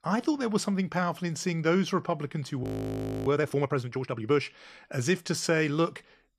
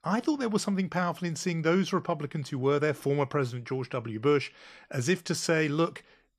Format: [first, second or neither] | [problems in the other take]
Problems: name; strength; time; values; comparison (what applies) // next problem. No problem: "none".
second | audio freezing; at 2.5 s for 0.5 s